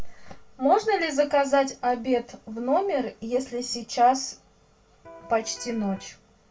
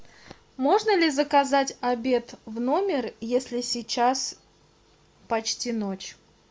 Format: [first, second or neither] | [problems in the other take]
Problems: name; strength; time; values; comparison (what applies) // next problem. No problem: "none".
second | background sound (Electric guitar); 20 dB below the speech // room echo; dies away in 0.2 s